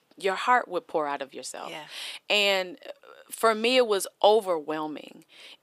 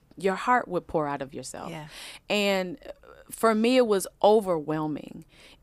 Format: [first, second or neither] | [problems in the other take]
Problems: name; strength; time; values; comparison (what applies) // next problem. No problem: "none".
second | thin; somewhat; fading below 400 Hz